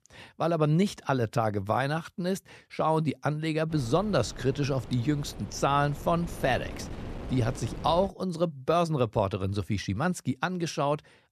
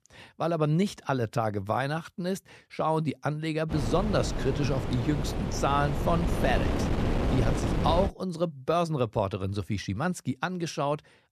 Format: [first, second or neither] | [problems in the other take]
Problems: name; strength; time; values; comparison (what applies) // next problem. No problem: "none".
first | wind noise on the microphone; heavy; from 3.5 to 8 s; 5 dB below the speech; occasional gusts in the first